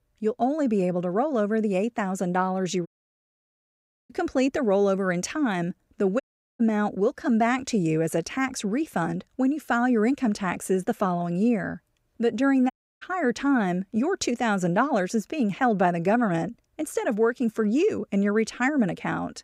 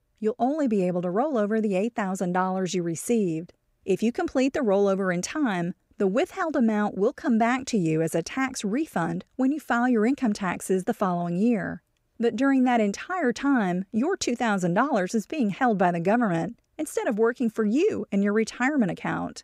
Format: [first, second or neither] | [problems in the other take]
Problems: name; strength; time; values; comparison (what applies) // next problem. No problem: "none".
second | audio cutting out; at 3 s for 1 s, at 6 s and at 13 s